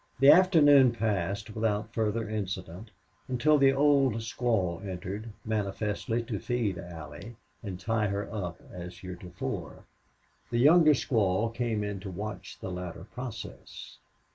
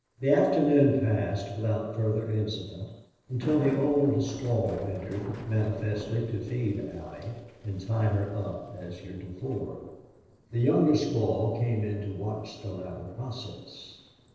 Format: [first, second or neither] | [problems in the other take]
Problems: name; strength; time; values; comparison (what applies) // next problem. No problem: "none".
first | noise reduction (neural separator model SepFormer DNS4)